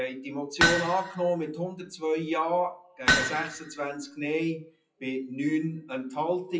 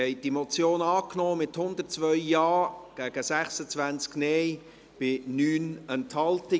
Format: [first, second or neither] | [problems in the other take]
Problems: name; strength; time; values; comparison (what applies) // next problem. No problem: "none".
second | noise reduction (classical method WPE with log-MMSE)